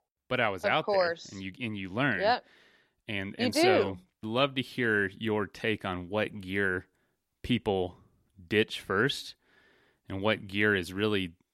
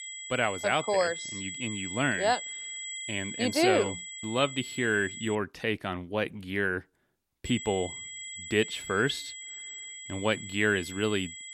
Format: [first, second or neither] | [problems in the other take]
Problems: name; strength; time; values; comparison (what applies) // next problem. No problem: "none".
first | high-pitched whine; loud; until 5.5 s and from 7.5 s on; 8 kHz, 9 dB below the speech